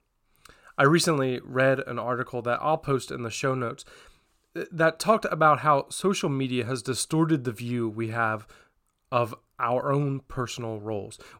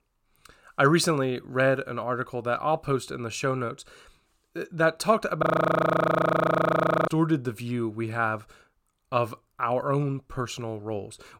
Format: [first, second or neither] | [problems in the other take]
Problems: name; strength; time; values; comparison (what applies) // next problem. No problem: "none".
first | audio freezing; at 5.5 s for 1.5 s